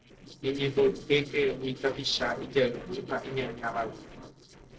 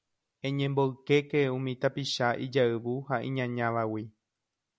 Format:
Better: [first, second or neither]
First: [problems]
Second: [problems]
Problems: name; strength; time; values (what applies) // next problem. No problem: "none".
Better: second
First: noise reduction (neural separator model SepFormer DNS4)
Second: none